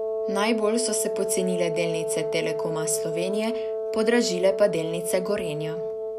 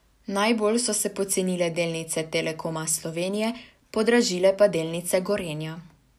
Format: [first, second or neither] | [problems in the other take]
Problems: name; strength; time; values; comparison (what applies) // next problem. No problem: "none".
second | background sound (Wind instrument, woodwind instrument); 2 dB below the speech